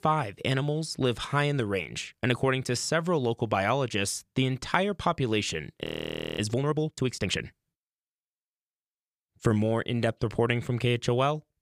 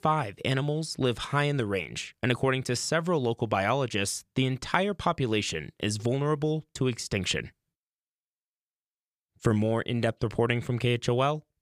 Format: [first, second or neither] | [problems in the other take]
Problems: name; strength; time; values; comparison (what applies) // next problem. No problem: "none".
second | audio freezing; at 6 s for 0.5 s